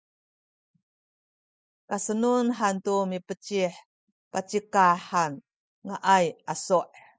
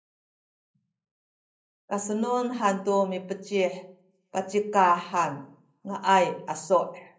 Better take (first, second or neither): first